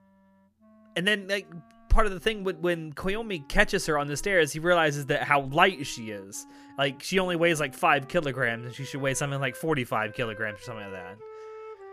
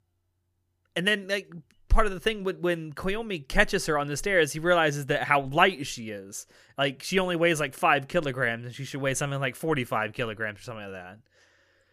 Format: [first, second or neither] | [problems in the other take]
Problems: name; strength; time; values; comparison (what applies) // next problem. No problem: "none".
second | background music; faint; throughout; 25 dB below the speech